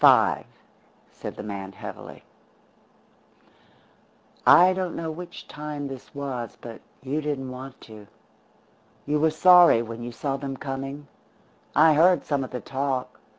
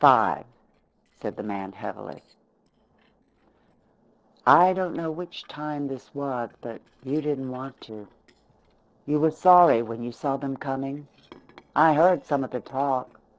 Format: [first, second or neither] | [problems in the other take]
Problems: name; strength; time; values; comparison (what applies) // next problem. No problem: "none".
first | noise reduction (neural separator model SepFormer DNS4)